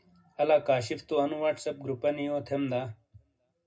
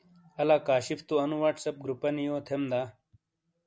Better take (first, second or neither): second